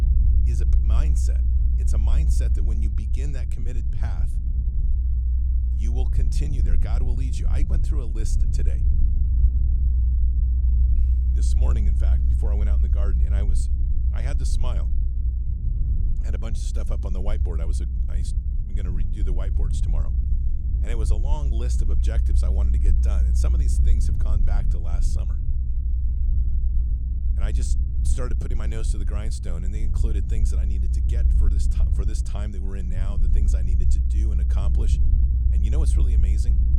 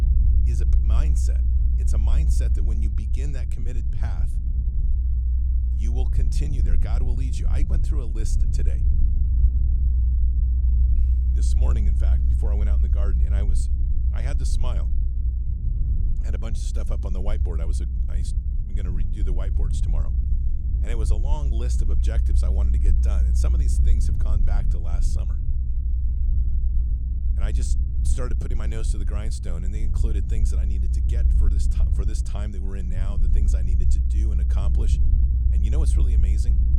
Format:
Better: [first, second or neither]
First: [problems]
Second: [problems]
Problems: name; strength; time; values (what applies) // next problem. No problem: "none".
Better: neither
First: low rumble; loud; throughout; 1 dB below the speech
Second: low rumble; loud; throughout; 1 dB below the speech